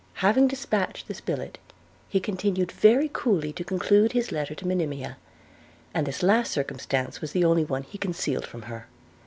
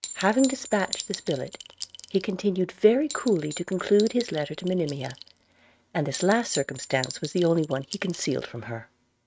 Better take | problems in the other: first | noise reduction (neural mask model RNNoise)

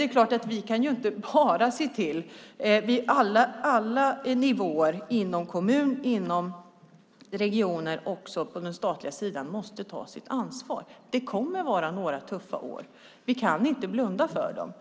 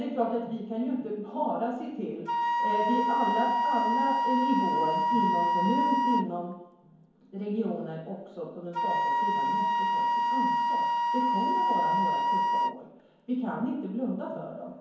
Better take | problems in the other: first | background sound (Wind instrument, woodwind instrument); 4 dB above the speech // room echo; dies away in 1 s

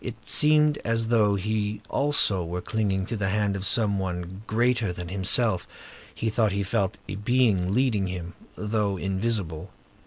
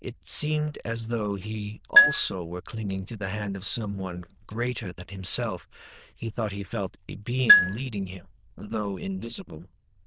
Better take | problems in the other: first | noise reduction (neural diffusion model UNIVERSE++)

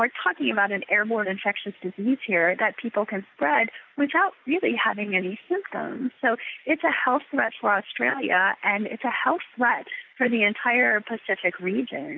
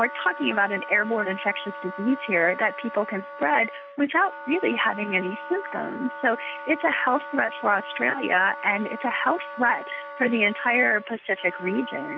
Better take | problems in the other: first | background sound (Wind instrument, woodwind instrument); 12 dB below the speech

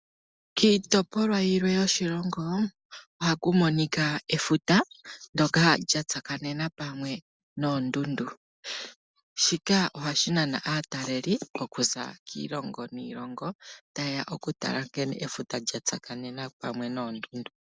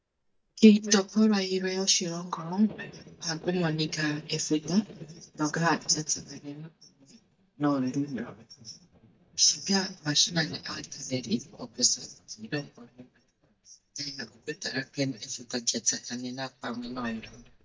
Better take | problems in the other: first | noise reduction (neural mask model DeepFilterNet 3)

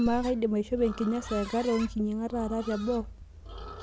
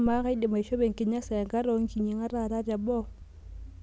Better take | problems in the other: second | background sound (Livestock, farm animals, working animals); 16 dB below the speech

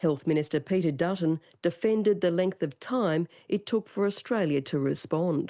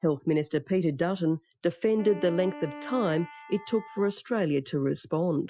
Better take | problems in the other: first | noise reduction (classical method Wiener filter)

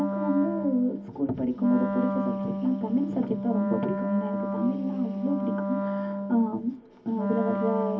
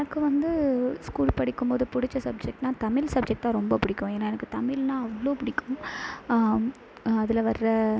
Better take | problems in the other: second | background sound (Wind instrument, woodwind instrument); 2 dB below the speech // room echo; dies away in 0.3 s

